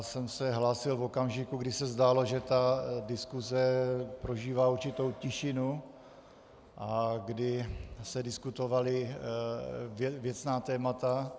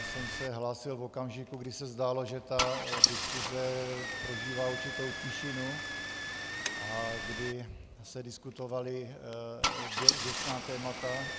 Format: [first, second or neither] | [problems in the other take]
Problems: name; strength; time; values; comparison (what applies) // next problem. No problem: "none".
first | background sound (Engine starting / Car); 2 dB above the speech